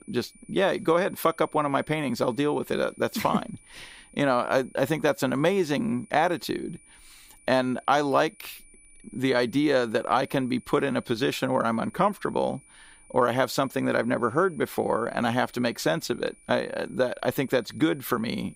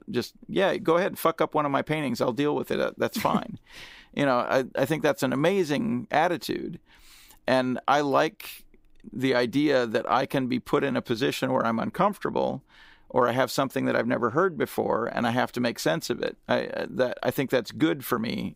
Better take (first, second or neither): second